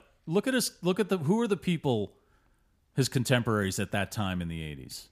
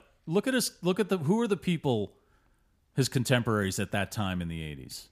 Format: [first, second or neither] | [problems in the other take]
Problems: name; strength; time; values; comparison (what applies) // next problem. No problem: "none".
neither | none